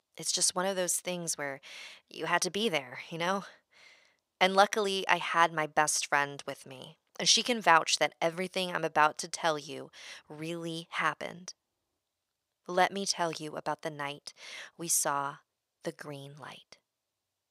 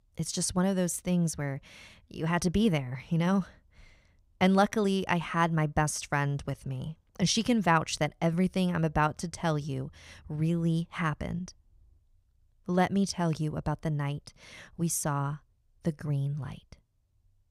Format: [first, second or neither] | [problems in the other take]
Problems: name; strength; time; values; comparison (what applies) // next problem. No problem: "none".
second | thin; very; fading below 500 Hz